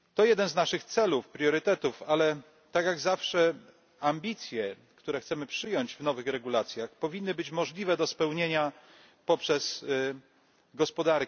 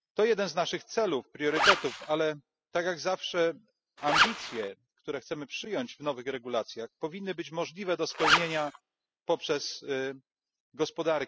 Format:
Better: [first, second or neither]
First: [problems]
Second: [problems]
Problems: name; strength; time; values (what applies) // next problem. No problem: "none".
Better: first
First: none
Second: noise reduction (classical method spectral subtraction)